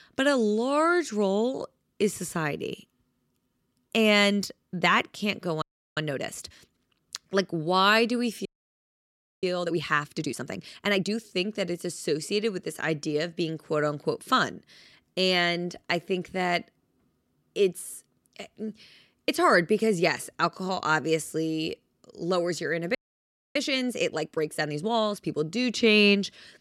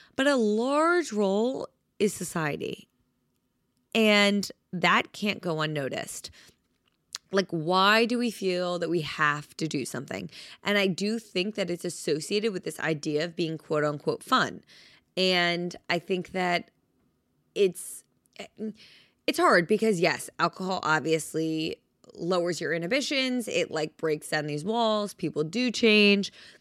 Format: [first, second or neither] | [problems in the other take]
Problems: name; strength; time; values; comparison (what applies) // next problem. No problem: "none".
second | audio freezing; at 5.5 s, at 8.5 s for 1 s and at 23 s for 0.5 s